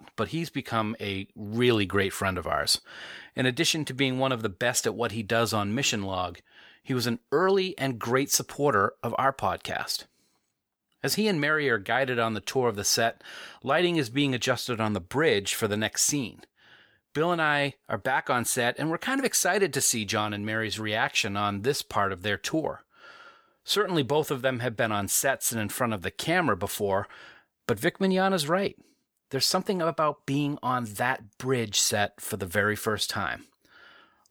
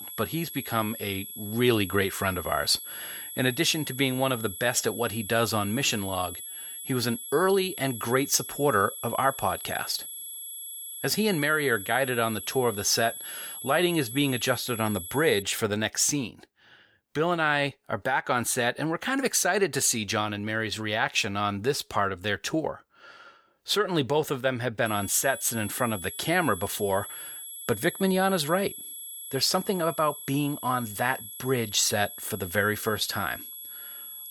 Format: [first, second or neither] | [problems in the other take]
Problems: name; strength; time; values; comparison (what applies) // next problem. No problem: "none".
first | high-pitched whine; loud; until 15 s and from 25 s on; 11.5 kHz, 10 dB below the speech